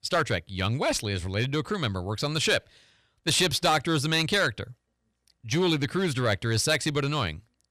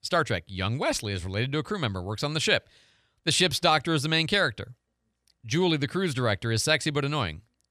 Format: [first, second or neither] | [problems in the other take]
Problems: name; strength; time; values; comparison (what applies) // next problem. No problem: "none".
second | distortion; slight; 4% of the sound clipped